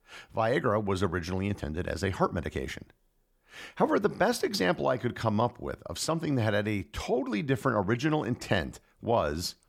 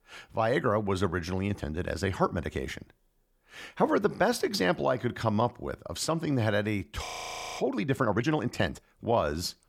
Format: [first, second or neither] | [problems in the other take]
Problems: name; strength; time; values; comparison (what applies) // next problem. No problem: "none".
first | audio freezing; at 7 s for 0.5 s